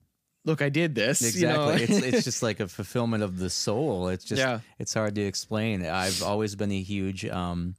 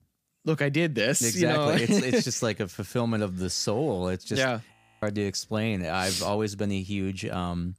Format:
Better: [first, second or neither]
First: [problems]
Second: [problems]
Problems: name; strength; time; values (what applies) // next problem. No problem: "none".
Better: first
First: none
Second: audio freezing; at 4.5 s